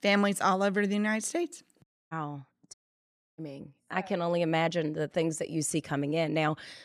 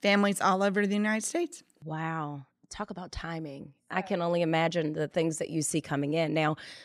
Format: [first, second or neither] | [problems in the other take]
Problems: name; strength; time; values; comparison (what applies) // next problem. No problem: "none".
second | audio cutting out; at 2 s and at 2.5 s for 0.5 s